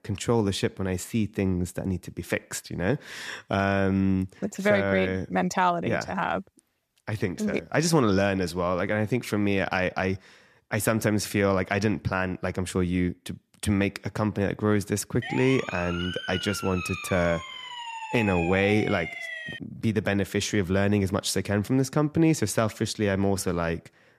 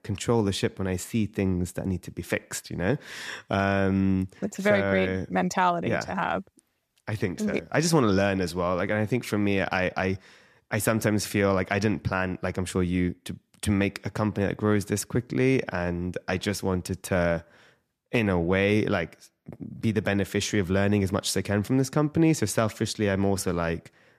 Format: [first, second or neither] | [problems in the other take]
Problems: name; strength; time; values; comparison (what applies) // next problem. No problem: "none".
second | siren; noticeable; from 15 to 20 s; peak 6 dB below the speech